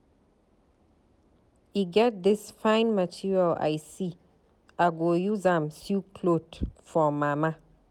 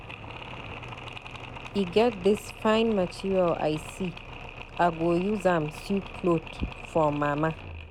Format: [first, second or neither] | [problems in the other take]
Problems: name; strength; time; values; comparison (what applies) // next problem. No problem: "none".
first | background sound (Mechanisms); 13 dB below the speech